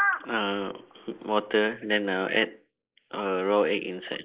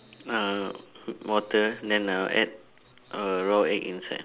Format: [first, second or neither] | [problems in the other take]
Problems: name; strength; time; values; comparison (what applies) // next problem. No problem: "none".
second | noise reduction (neural mask model Resemble Enhance denoiser)